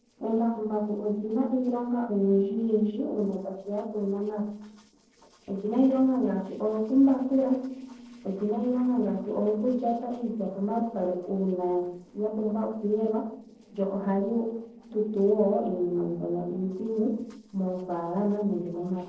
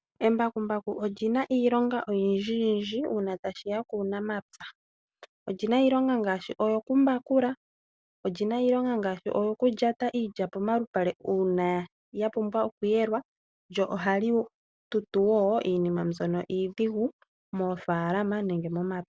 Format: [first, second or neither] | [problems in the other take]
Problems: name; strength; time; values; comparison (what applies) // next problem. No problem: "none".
second | noise reduction (neural separator model SepFormer DNS4)